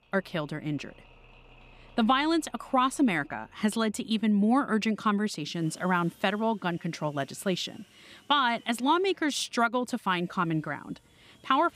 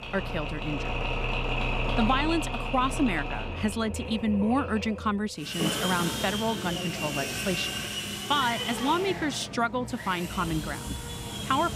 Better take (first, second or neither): first